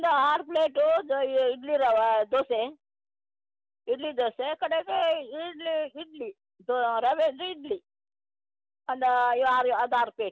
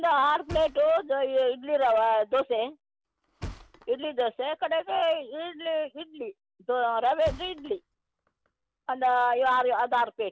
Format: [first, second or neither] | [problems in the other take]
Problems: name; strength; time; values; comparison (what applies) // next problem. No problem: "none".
first | background sound (Thump, thud); 19 dB below the speech